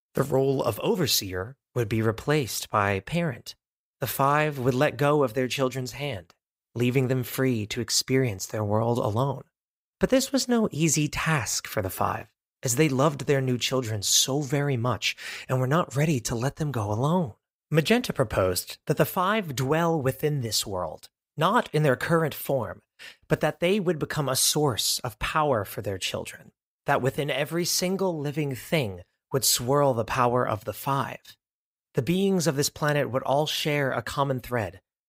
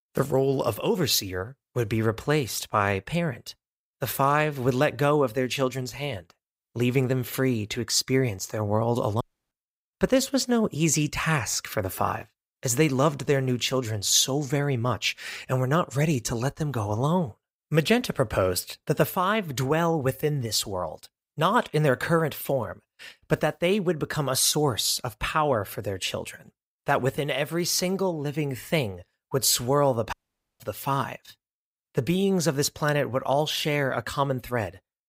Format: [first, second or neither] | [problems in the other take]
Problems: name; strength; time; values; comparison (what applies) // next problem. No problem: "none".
first | audio cutting out; at 9 s and at 30 s